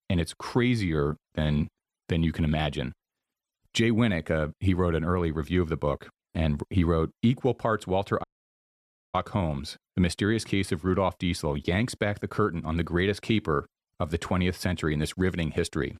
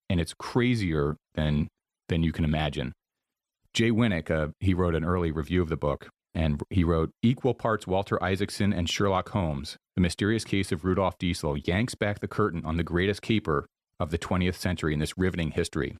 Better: second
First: audio cutting out; at 8 s for 1 s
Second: none

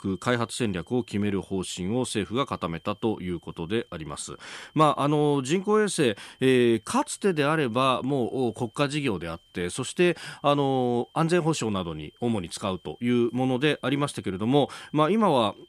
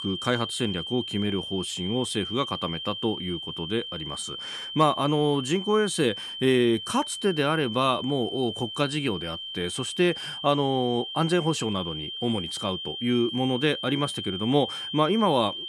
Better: first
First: high-pitched whine; faint; throughout; 3 kHz, 30 dB below the speech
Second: high-pitched whine; loud; throughout; 3 kHz, 7 dB below the speech

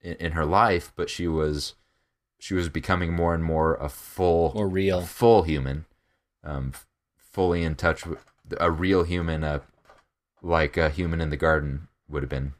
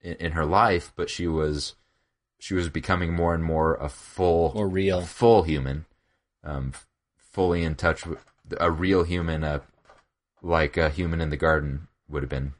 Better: first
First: none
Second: garbled, watery; slightly; nothing above 10.5 kHz

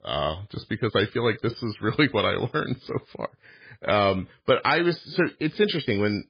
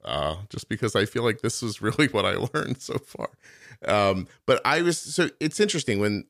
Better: second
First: garbled, watery; badly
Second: none

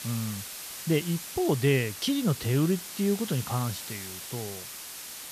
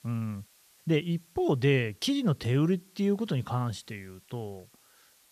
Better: second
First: hiss; loud; throughout; 9 dB below the speech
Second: hiss; faint; throughout; 30 dB below the speech

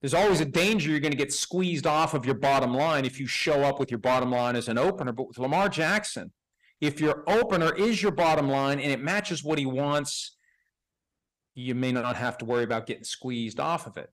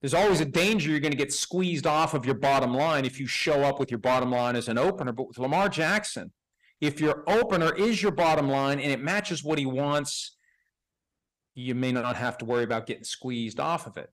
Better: neither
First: distortion; heavy; 10% of the sound clipped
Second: distortion; heavy; 10% of the sound clipped

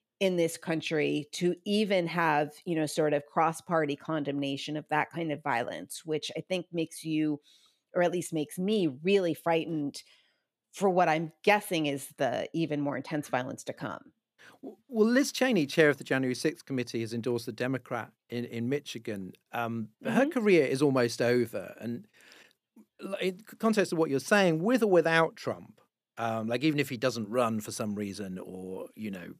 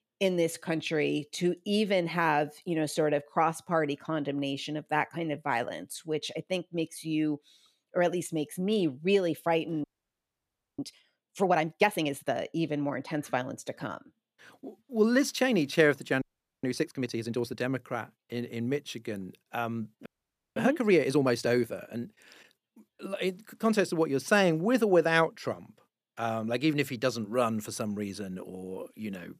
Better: first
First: none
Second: audio freezing; at 10 s for 1 s, at 16 s and at 20 s for 0.5 s

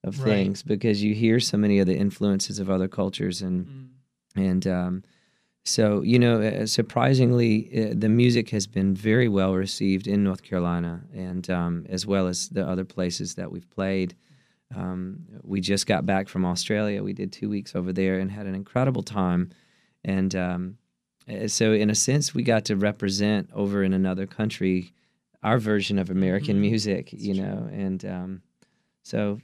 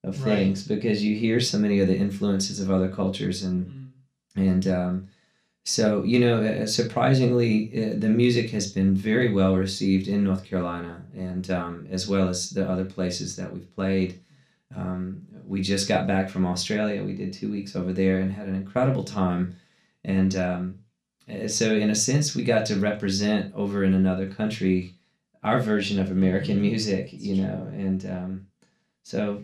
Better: first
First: none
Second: room echo; slight; dies away in 0.3 s // off-mic speech; somewhat distant

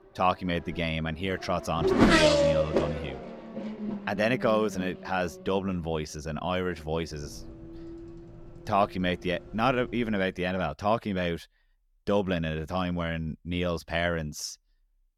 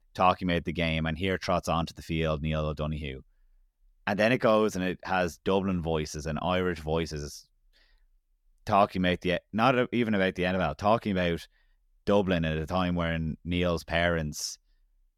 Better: second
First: traffic noise; very loud; until 10 s; 3 dB above the speech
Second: none

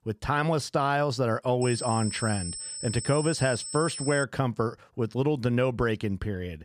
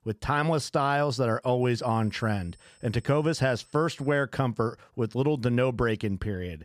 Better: second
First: high-pitched whine; loud; from 1.5 to 4 s; 8 kHz, 7 dB below the speech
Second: high-pitched whine; faint; from 1.5 to 4 s; 8 kHz, 30 dB below the speech

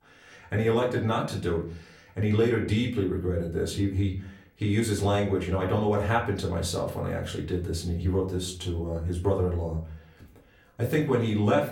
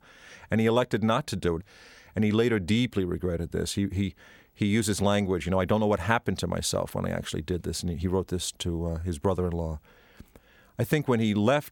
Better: second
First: off-mic speech; far // room echo; slight; dies away in 0.5 s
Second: none

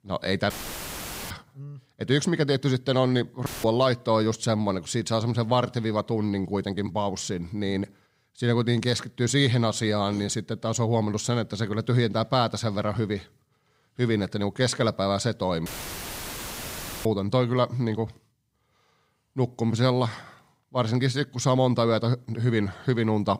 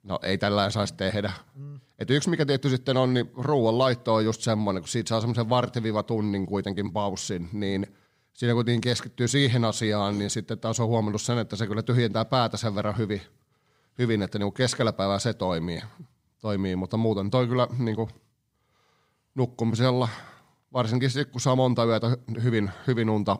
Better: second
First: audio cutting out; filled with static; at 0.5 s for 1 s, at 3.5 s and at 16 s for 1.5 s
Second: none

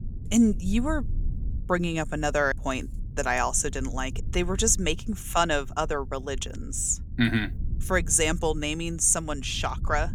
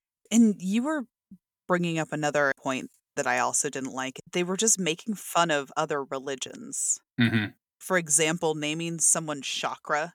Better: second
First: low rumble; faint; throughout; 25 dB below the speech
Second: none

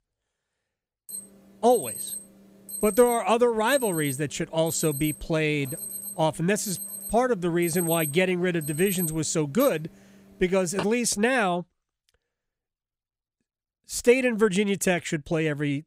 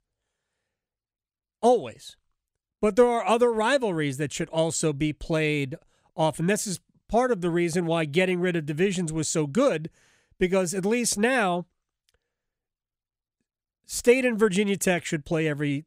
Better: second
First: alarm; noticeable; from 1 to 11 s; peak 4 dB below the speech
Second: none

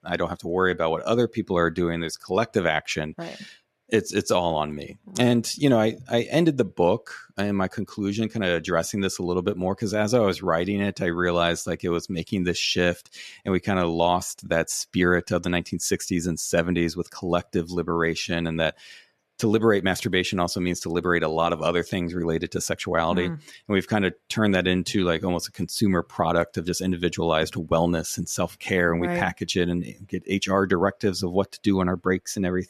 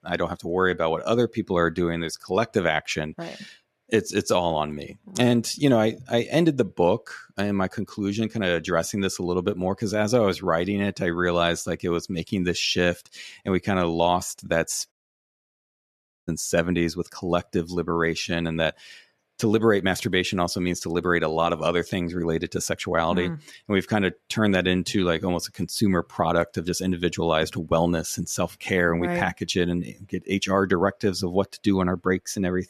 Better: first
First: none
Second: audio cutting out; at 15 s for 1.5 s

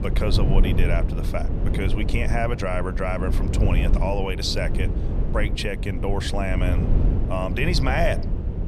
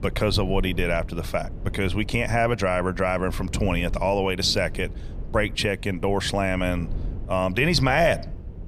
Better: second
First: low rumble; loud; throughout; 8 dB below the speech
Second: low rumble; faint; throughout; 25 dB below the speech

